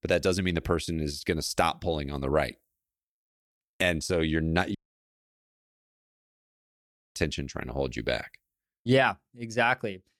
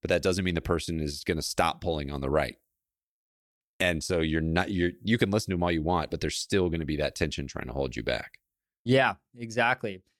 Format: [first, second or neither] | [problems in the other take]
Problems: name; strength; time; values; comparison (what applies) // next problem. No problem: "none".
second | audio cutting out; at 5 s for 2.5 s